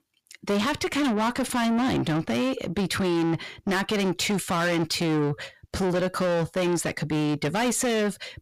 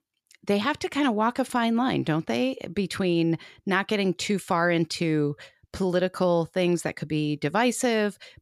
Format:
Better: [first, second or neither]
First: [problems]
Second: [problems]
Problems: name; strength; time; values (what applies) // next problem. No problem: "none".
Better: second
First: distortion; heavy; 7 dB below the speech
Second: none